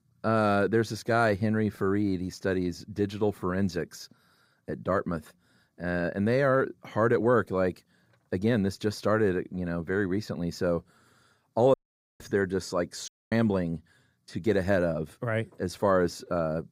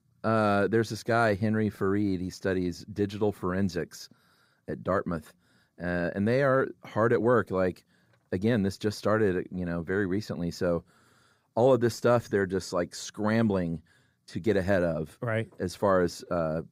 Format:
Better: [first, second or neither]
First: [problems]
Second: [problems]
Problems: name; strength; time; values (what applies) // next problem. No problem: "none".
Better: second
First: audio cutting out; at 12 s and at 13 s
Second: none